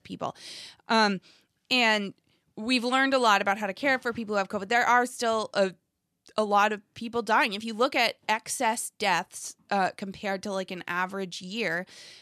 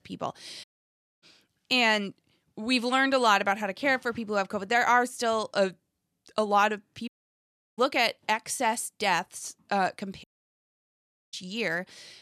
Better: first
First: none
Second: audio cutting out; at 0.5 s for 0.5 s, at 7 s for 0.5 s and at 10 s for 1 s

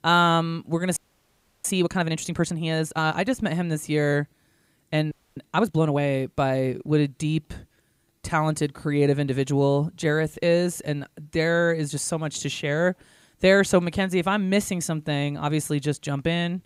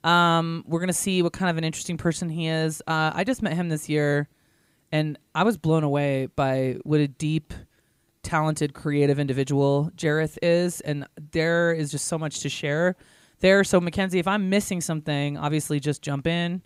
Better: second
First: audio freezing; at 1 s for 0.5 s and at 5 s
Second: none

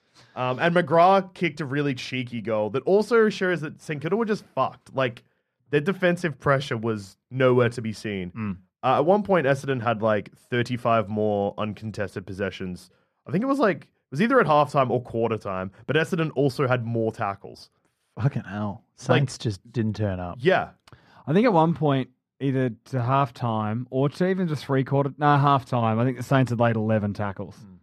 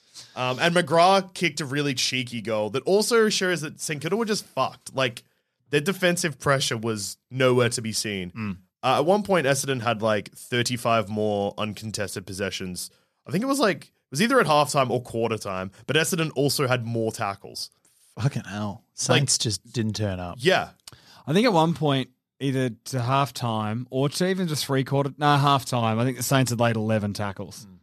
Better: second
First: muffled; very; fading above 3.5 kHz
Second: none

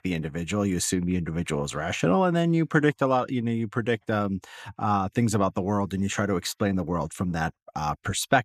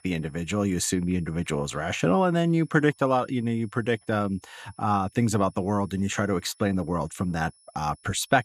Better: first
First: none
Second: high-pitched whine; faint; throughout; 10 kHz, 30 dB below the speech

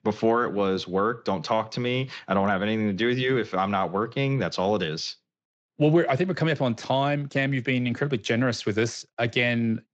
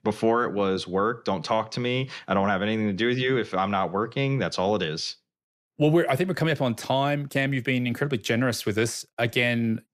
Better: second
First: garbled, watery; slightly; nothing above 7.5 kHz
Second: none

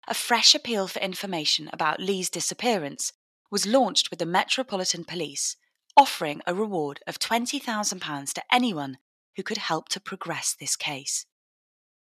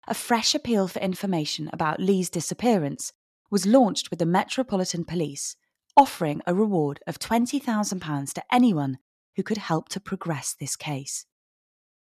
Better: second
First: thin; very slightly; fading below 550 Hz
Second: none

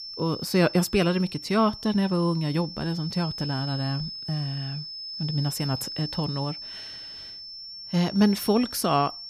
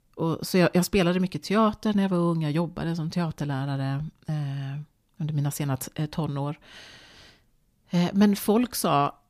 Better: second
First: high-pitched whine; loud; throughout; 5.5 kHz, 9 dB below the speech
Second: none

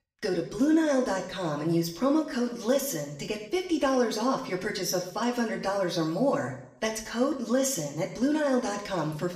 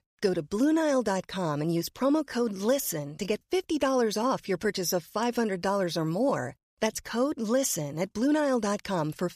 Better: second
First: room echo; slight; dies away in 0.7 s // off-mic speech; somewhat distant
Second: none

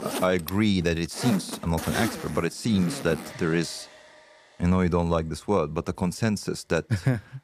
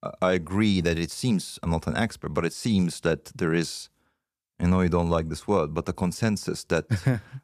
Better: second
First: household noises; loud; throughout; 9 dB below the speech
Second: none

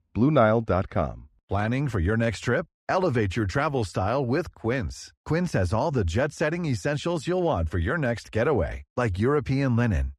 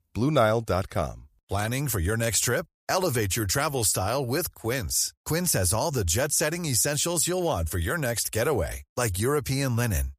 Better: second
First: muffled; very; fading above 2.5 kHz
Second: none

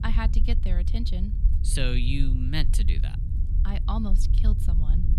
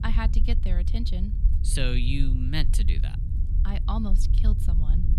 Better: neither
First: low rumble; loud; throughout; 10 dB below the speech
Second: low rumble; loud; throughout; 10 dB below the speech

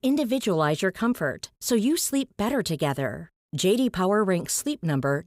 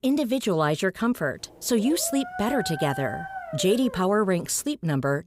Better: first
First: none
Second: dog barking; noticeable; from 1.5 to 4.5 s; peak 8 dB below the speech

